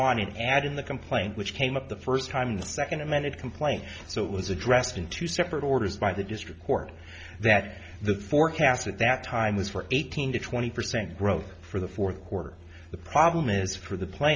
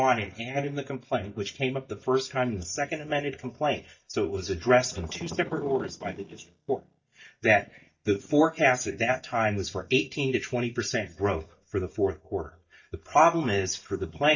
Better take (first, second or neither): first